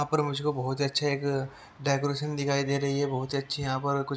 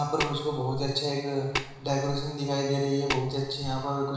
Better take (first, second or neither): first